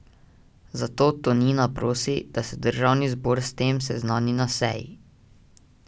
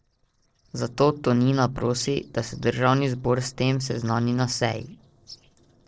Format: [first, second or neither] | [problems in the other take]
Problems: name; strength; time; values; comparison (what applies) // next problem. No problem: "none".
first | noise reduction (neural separator model SepFormer DNS4)